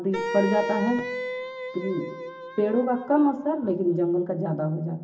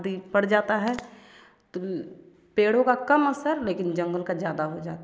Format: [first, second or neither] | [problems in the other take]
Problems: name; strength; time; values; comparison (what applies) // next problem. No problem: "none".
second | background sound (Wind instrument, woodwind instrument); 8 dB below the speech // room echo; dies away in 0.4 s